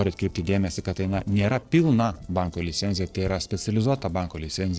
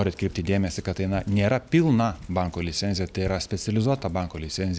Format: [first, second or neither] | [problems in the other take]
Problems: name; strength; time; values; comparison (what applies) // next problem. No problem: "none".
second | noise reduction (neural separator model SepFormer DNS4)